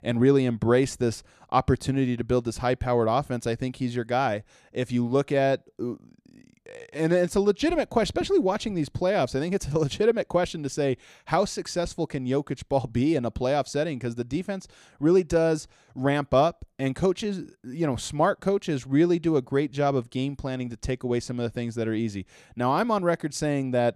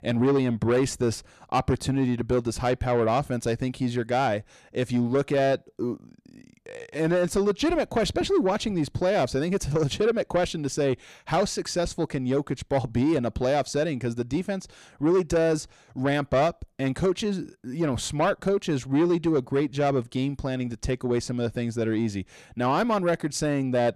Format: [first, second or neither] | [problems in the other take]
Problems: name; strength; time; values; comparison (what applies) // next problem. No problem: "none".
first | distortion; slight; 10 dB below the speech